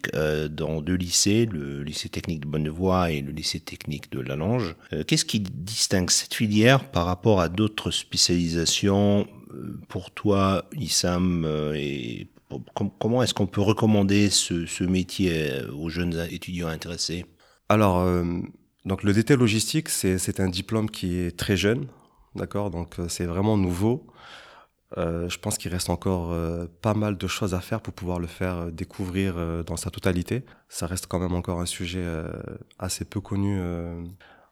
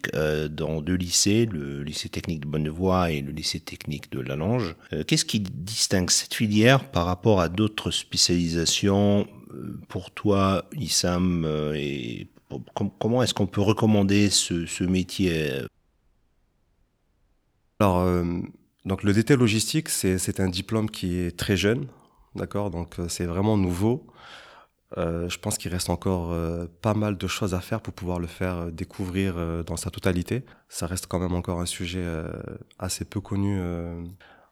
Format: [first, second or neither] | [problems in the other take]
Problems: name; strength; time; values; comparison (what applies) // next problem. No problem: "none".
first | audio cutting out; at 16 s for 2 s